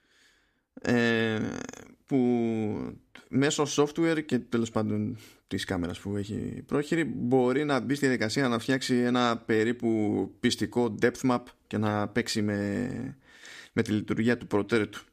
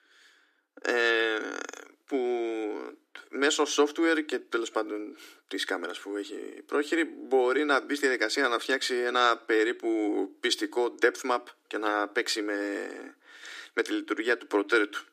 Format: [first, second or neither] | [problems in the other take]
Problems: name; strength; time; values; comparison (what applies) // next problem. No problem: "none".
first | thin; somewhat; fading below 300 Hz